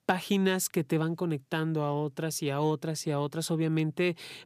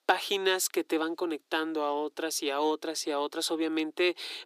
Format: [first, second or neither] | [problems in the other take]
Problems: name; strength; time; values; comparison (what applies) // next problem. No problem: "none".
first | thin; very; fading below 300 Hz